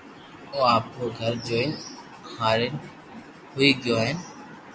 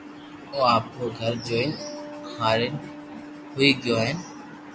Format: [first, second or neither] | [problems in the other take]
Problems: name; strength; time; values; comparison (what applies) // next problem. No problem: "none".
first | background sound (Acoustic guitar); 16 dB below the speech